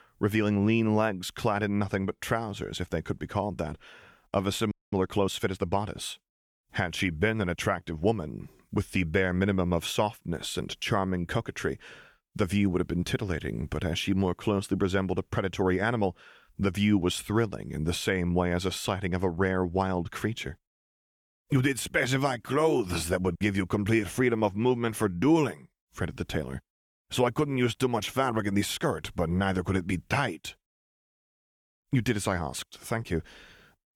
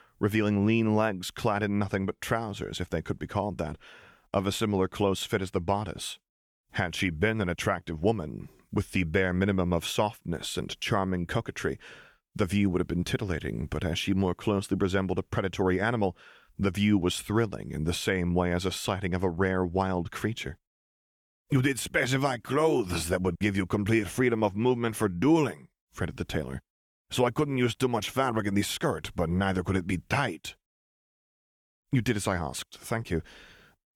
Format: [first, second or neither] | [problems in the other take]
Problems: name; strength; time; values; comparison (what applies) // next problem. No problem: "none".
second | audio freezing; at 4.5 s